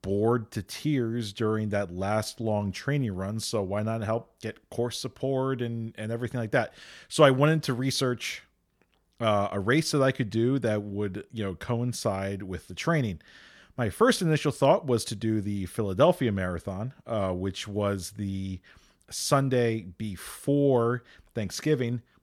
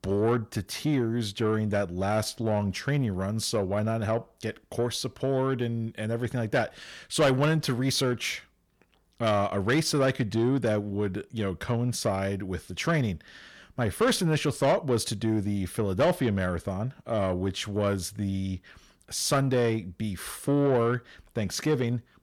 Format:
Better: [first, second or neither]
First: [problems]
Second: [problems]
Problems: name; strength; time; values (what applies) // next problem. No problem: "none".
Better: first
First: none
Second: distortion; slight; 10 dB below the speech